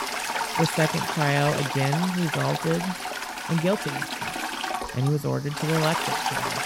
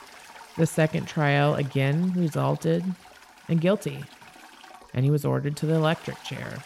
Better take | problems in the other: second | household noises; loud; throughout; 2 dB below the speech; faint in the second

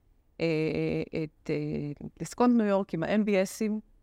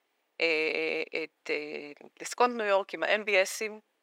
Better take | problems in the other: first | thin; very; fading below 450 Hz

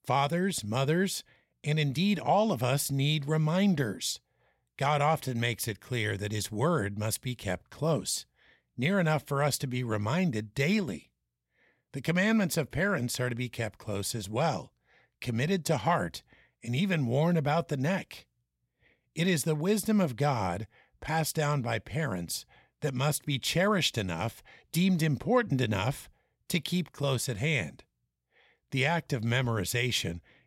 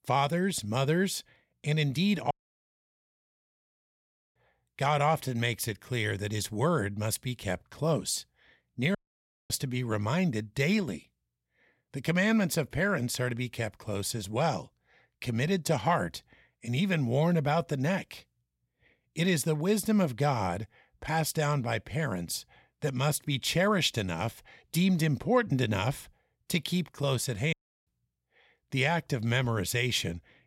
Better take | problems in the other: first | audio cutting out; at 2.5 s for 2 s, at 9 s for 0.5 s and at 28 s

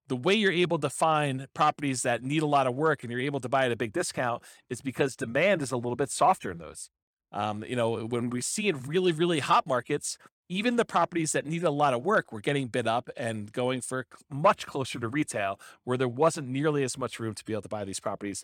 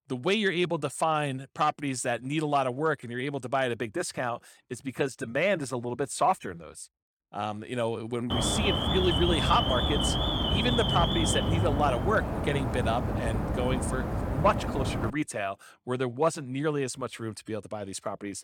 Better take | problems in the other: first | alarm; loud; from 8.5 to 15 s; peak 4 dB above the speech

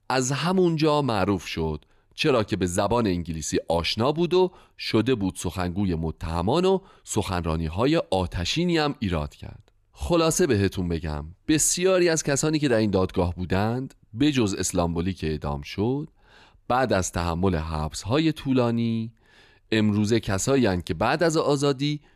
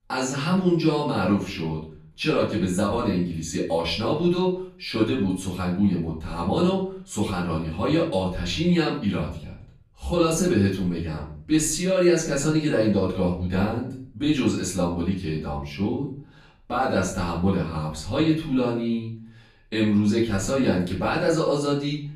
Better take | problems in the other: first | off-mic speech; far // room echo; slight; dies away in 0.4 s

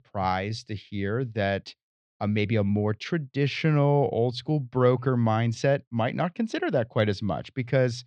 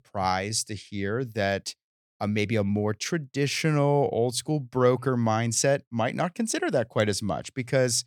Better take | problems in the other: second | muffled; slightly; fading above 4 kHz

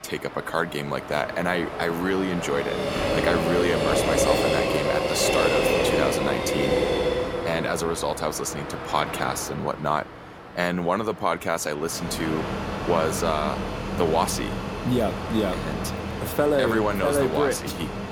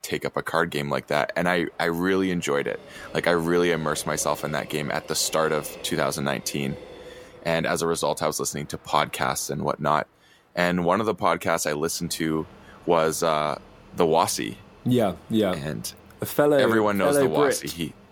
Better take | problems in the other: second | train or aircraft noise; loud; throughout; 1 dB below the speech; faint in the second

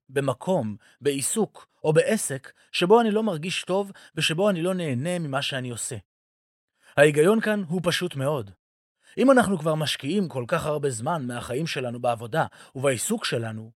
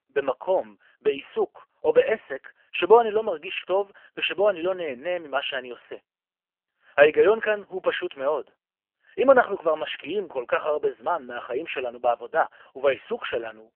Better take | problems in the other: first | phone-call audio; poor line; nothing above 3 kHz

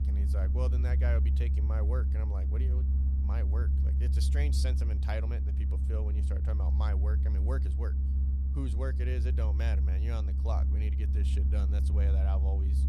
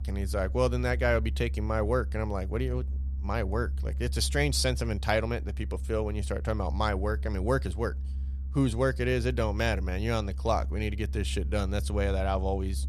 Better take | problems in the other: second | low rumble; loud; throughout; 3 dB below the speech; faint in the second

